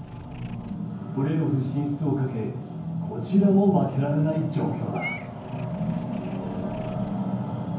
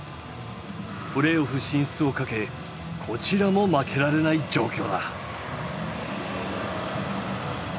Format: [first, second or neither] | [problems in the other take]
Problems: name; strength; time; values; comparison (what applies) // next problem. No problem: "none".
second | background sound (Meow / Purr); 20 dB below the speech // room echo; dies away in 0.9 s